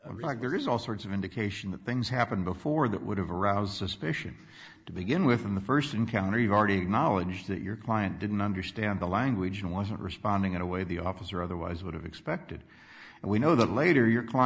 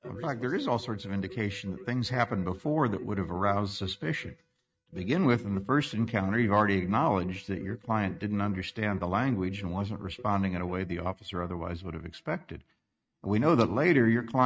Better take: first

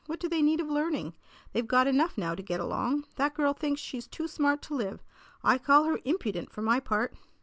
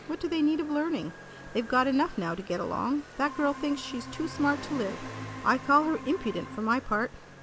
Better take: first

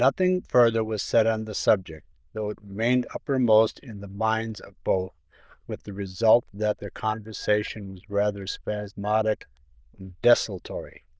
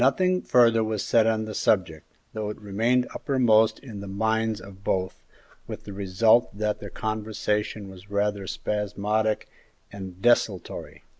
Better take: second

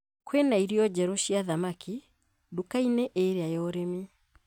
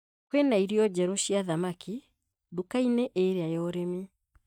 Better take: first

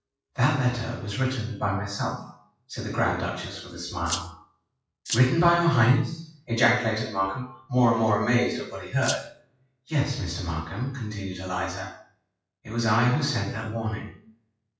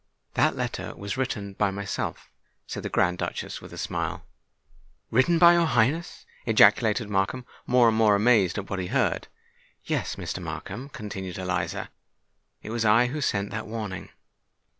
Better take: second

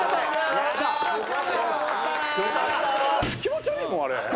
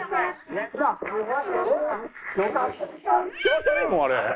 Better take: first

